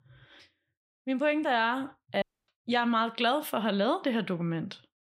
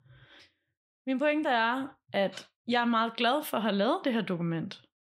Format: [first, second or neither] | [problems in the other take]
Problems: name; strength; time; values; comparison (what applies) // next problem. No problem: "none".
second | audio cutting out; at 2 s